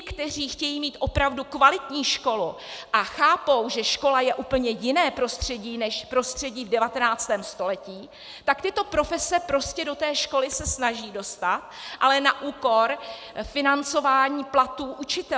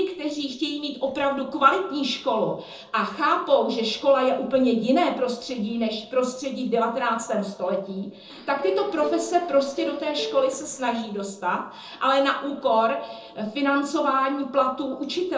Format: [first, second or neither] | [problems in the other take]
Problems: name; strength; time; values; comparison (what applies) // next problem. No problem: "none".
first | noise reduction (neural separator model SepFormer DNS4)